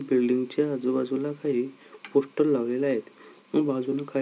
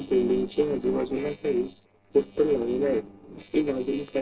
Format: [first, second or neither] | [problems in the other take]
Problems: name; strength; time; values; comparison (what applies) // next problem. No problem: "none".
first | noise reduction (neural separator model SepFormer DNS4)